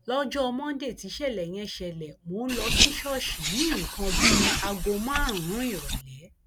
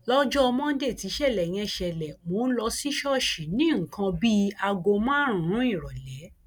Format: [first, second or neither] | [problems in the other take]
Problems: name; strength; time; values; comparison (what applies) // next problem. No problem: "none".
second | background sound (Car); 4 dB above the speech